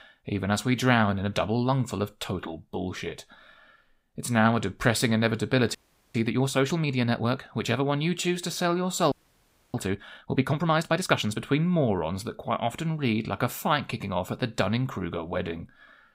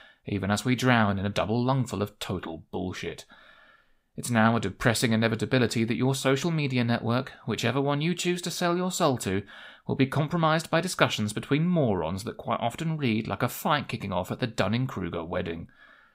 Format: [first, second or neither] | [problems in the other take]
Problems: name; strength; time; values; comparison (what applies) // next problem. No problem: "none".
second | audio freezing; at 6 s and at 9 s for 0.5 s